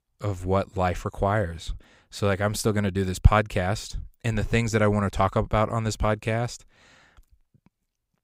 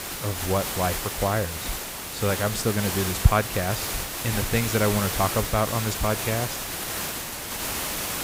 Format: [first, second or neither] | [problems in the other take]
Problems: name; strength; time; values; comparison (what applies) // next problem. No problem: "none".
first | hiss; loud; throughout; 2 dB below the speech